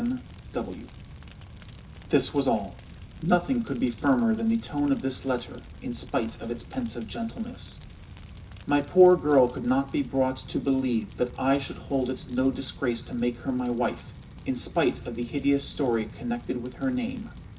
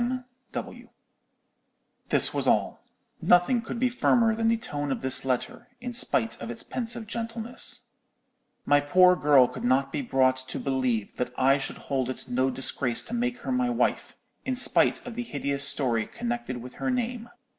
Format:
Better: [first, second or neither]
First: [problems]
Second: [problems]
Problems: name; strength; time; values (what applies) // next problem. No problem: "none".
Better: second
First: background sound (Fire); 16 dB below the speech // room echo; dies away in 0.2 s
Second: none